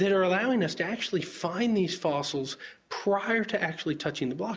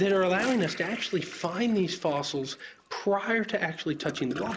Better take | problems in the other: first | background sound (Toilet flush / Gurgling); 14 dB below the speech

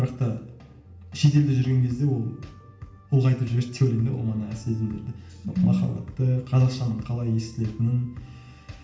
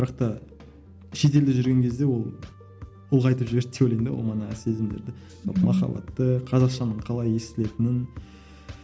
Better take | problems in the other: second | room echo; dies away in 0.7 s

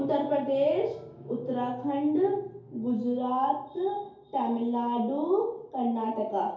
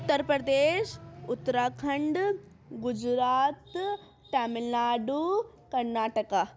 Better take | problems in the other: second | room echo; dies away in 2.4 s

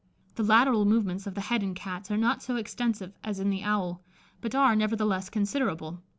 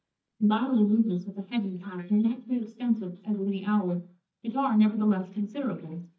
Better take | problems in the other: first | noise reduction (neural mask model DeepFilterNet 3)

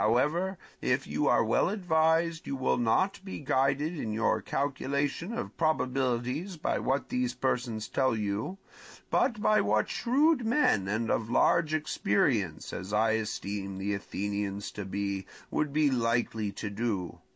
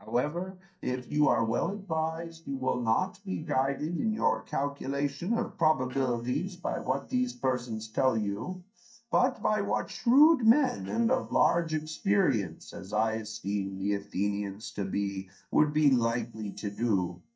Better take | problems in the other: first | noise reduction (neural mask model DeepFilterNet 3)

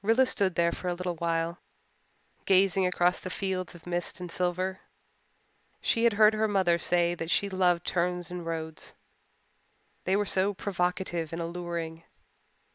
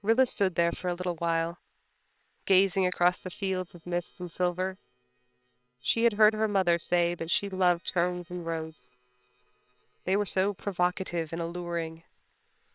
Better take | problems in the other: first | noise reduction (neural separator model SepFormer WHAM!)

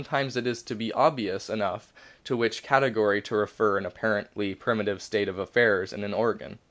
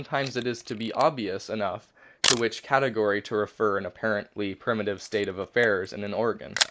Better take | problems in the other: first | noise reduction (neural mask model Resemble Enhance denoiser)

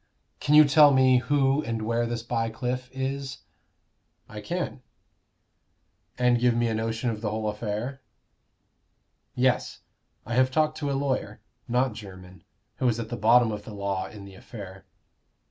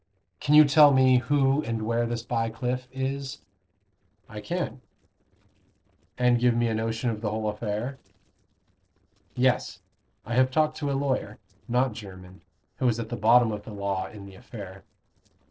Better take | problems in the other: first | noise reduction (neural separator model SepFormer DNS4)

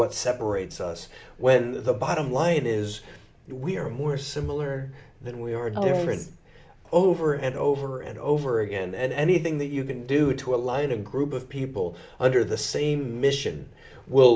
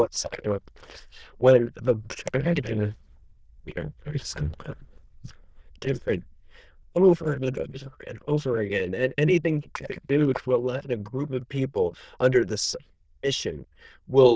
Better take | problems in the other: first | noise reduction (neural diffusion model UNIVERSE++)

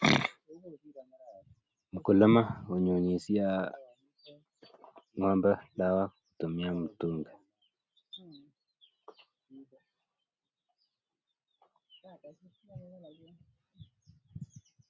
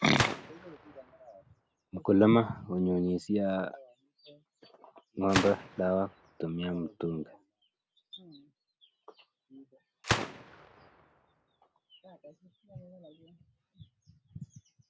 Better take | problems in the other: first | background sound (Gunshot, gunfire); 7 dB below the speech

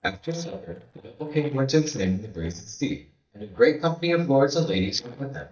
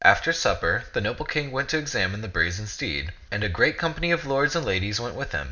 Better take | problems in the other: second | noise reduction (neural mask model DeepFilterNet 3)

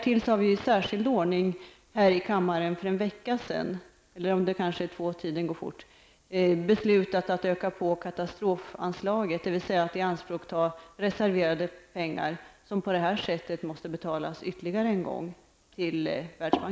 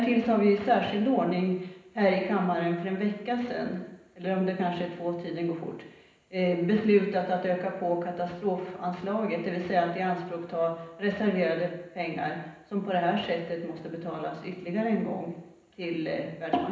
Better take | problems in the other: first | room echo; dies away in 0.8 s

